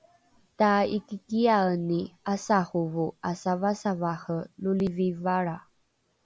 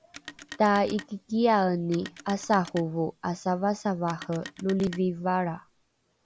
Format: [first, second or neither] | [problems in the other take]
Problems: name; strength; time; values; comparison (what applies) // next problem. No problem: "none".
first | background sound (Telephone); 19 dB below the speech